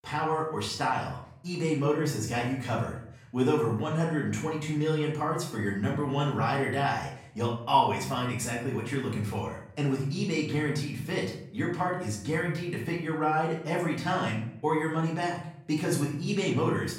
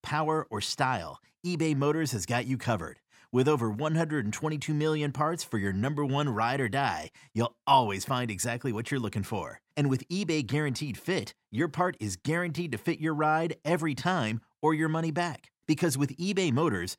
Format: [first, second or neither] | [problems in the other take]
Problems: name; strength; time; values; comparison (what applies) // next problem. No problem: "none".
second | room echo; noticeable; dies away in 0.6 s // off-mic speech; far